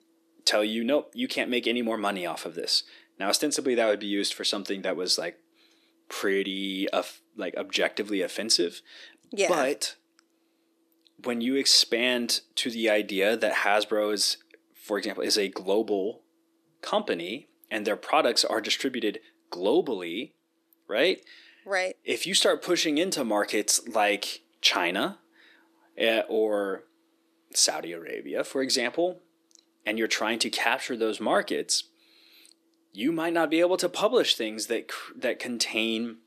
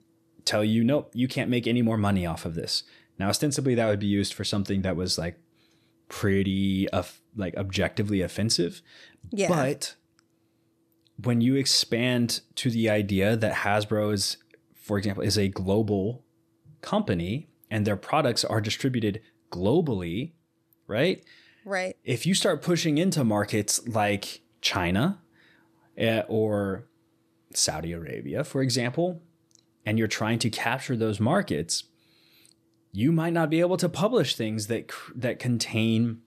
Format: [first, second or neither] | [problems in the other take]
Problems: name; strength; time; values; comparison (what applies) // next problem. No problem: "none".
second | thin; somewhat; fading below 300 Hz